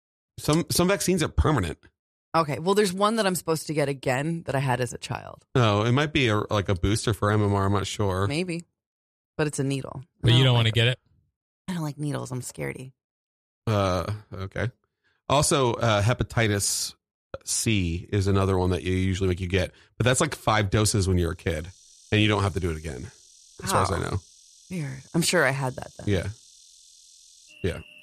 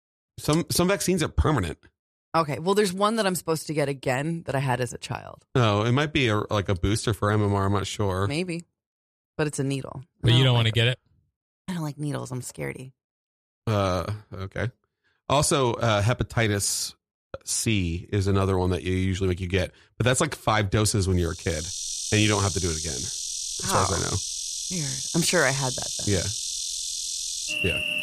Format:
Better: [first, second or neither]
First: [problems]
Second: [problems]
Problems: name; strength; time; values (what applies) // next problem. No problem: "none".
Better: first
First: animal sounds; faint; from 22 s on; 25 dB below the speech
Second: animal sounds; loud; from 22 s on; 3 dB below the speech